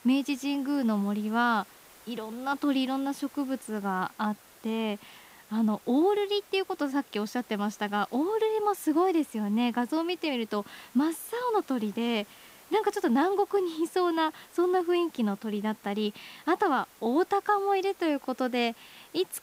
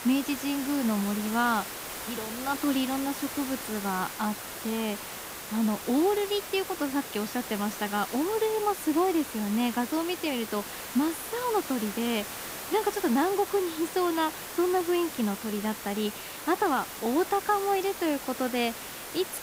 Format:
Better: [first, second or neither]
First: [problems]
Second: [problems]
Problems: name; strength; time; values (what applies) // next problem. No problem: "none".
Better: first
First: hiss; faint; throughout; 25 dB below the speech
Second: hiss; loud; throughout; 8 dB below the speech